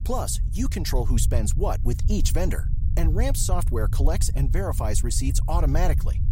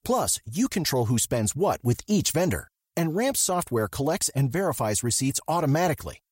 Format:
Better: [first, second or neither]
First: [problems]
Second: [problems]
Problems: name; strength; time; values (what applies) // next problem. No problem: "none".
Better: second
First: low rumble; noticeable; throughout; 15 dB below the speech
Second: none